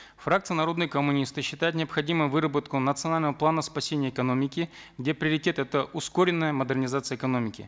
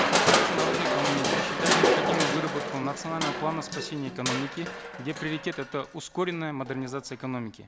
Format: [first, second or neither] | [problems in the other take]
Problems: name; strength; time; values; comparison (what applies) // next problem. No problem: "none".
first | background sound (Crushing); 4 dB above the speech